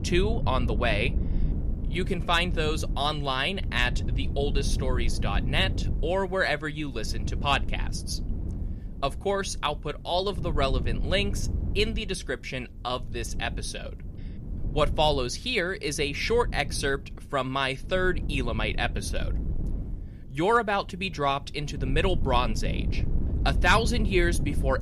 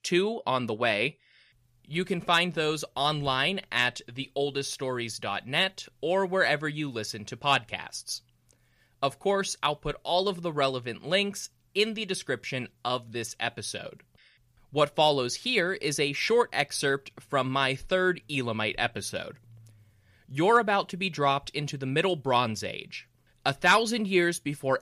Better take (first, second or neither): second